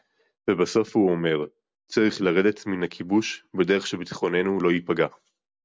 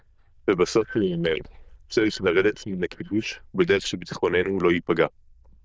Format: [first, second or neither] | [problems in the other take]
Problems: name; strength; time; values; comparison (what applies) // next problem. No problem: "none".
first | noise reduction (neural diffusion model UNIVERSE++)